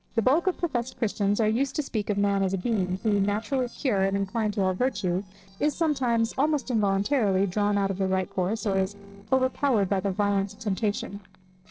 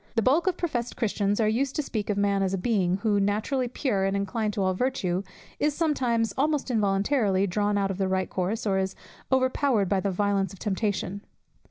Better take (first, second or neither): second